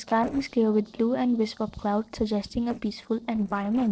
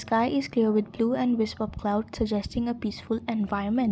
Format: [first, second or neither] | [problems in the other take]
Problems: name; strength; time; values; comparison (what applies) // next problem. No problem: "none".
second | noise reduction (neural separator model SepFormer DNS4)